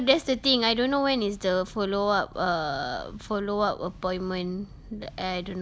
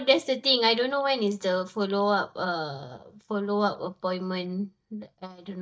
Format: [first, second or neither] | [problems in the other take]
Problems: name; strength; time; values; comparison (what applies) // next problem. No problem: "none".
first | noise reduction (neural mask model DeepFilterNet 3)